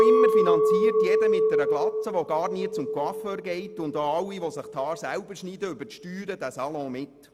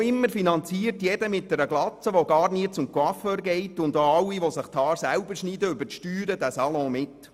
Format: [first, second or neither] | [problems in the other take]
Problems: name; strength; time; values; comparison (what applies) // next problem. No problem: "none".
second | background sound (Chink, clink); 5 dB above the speech